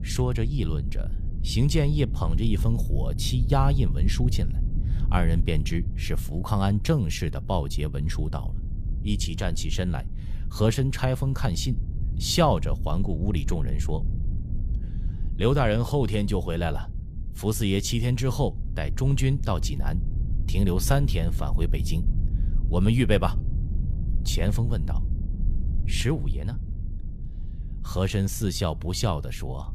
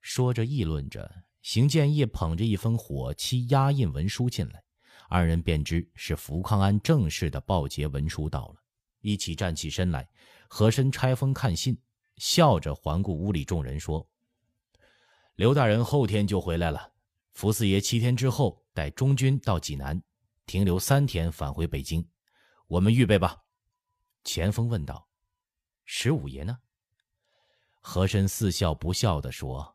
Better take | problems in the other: second | low rumble; noticeable; throughout; 15 dB below the speech

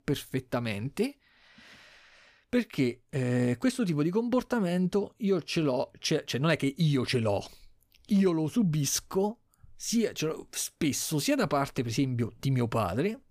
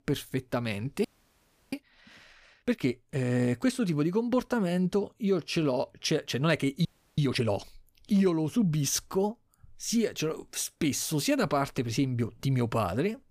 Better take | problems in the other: first | audio freezing; at 1 s for 0.5 s and at 7 s

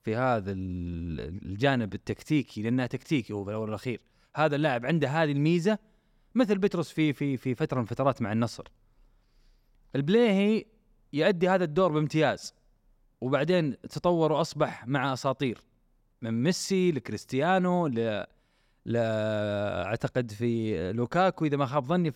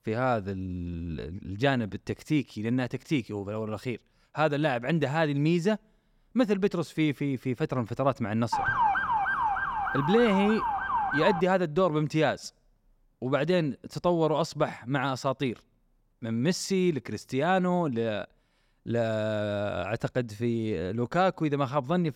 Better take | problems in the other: first | siren; loud; from 8.5 to 11 s; peak 3 dB above the speech

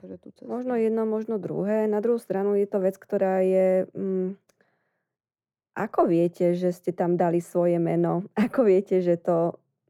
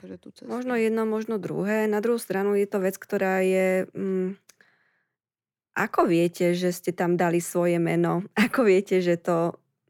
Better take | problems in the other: second | muffled; slightly; fading above 1.5 kHz

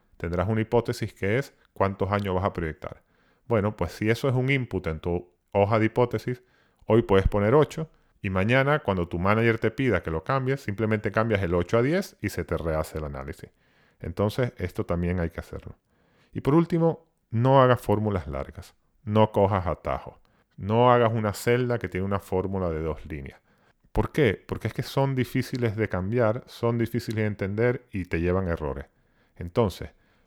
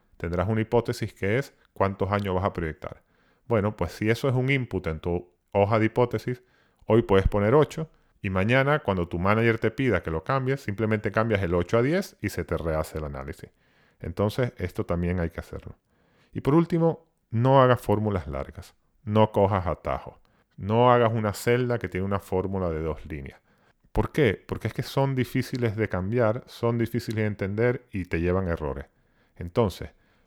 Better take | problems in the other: neither | none

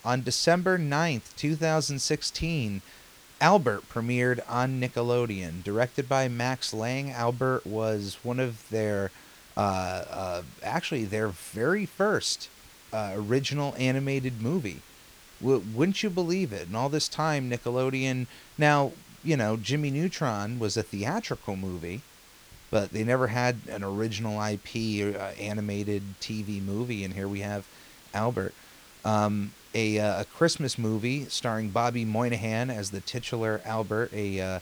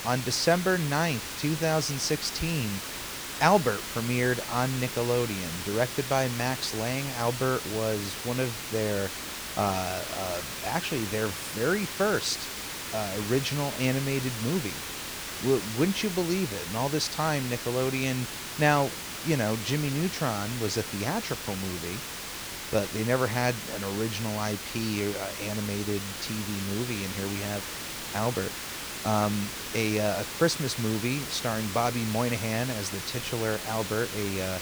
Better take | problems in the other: first | hiss; loud; throughout; 5 dB below the speech; faint in the first

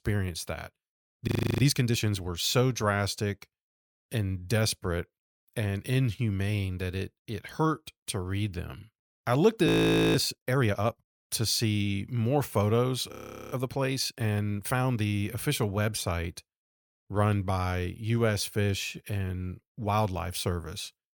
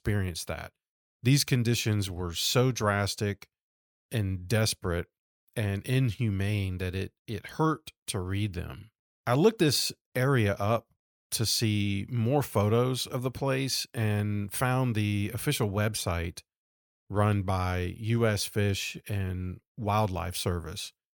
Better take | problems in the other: second | audio freezing; at 1.5 s, at 9.5 s and at 13 s

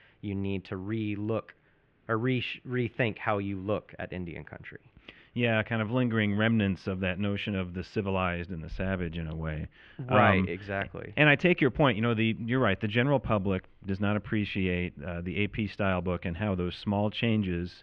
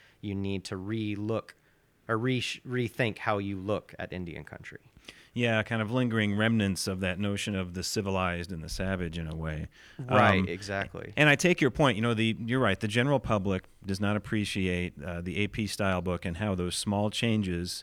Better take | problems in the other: second | muffled; very; fading above 3 kHz

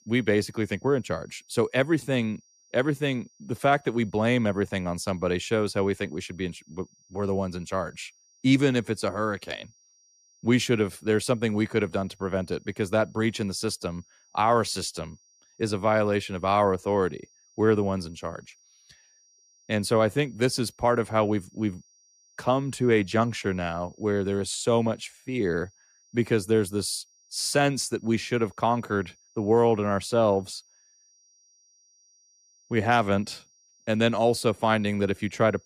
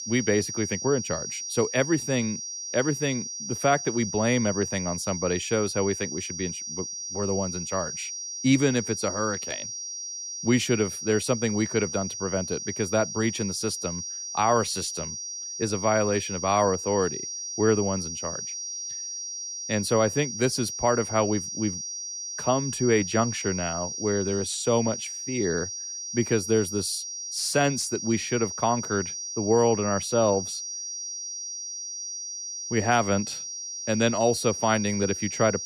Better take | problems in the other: first | high-pitched whine; loud; throughout; 5.5 kHz, 5 dB below the speech; faint in the first

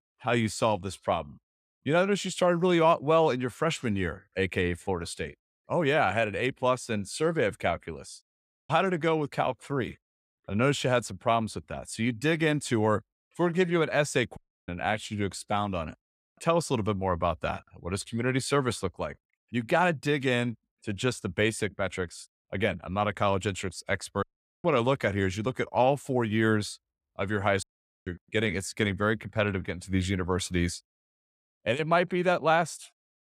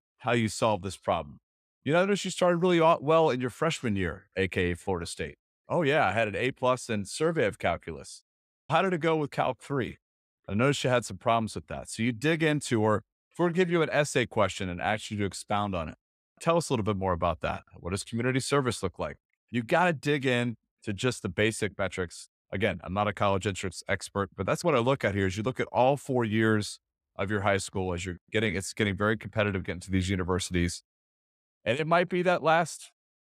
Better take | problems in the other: second | audio cutting out; at 14 s, at 24 s and at 28 s

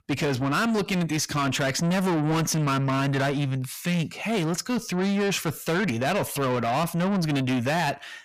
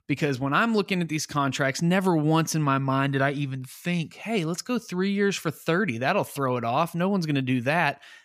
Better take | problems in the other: second | distortion; heavy; 7 dB below the speech

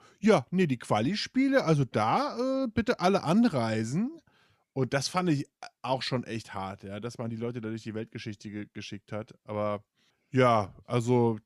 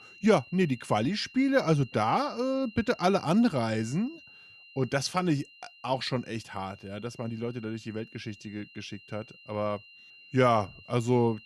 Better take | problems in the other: first | high-pitched whine; faint; throughout; 3 kHz, 20 dB below the speech

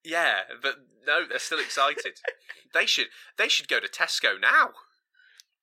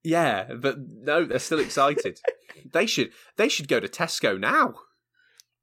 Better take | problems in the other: second | thin; very; fading below 600 Hz

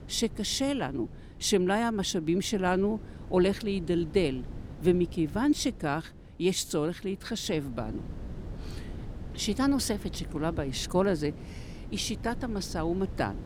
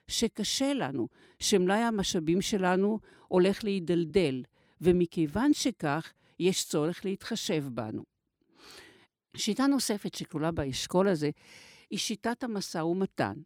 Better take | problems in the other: second | wind noise on the microphone; occasional gusts; 20 dB below the speech

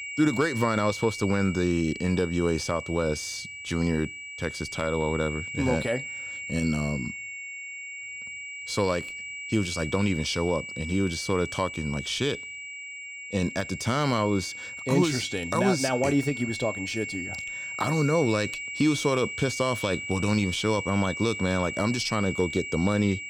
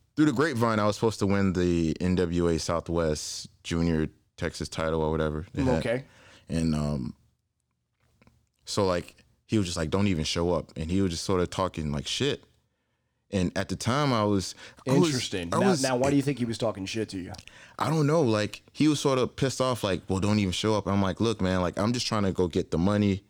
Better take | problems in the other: second | high-pitched whine; loud; throughout; 2.5 kHz, 7 dB below the speech

